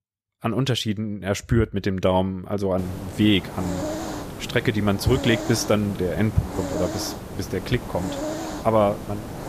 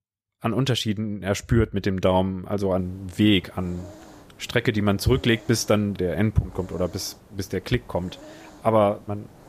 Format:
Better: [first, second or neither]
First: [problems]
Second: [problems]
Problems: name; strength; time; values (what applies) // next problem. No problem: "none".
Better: second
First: hiss; loud; from 3 s on; 8 dB below the speech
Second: hiss; faint; from 3 s on; 25 dB below the speech